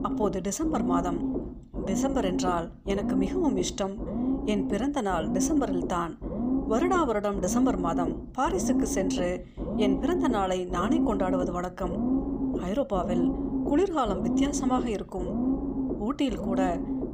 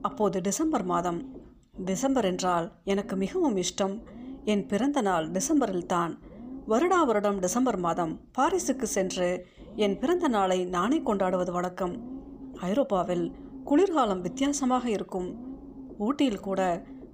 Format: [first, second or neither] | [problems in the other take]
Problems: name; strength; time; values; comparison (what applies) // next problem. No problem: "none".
second | low rumble; loud; throughout; 5 dB below the speech; faint in the second